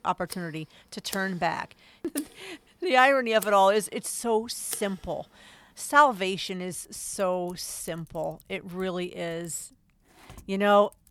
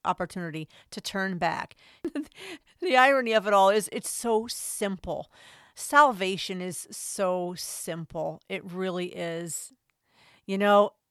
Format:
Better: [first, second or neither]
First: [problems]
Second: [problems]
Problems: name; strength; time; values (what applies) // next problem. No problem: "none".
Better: second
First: household noises; noticeable; throughout; 15 dB below the speech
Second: none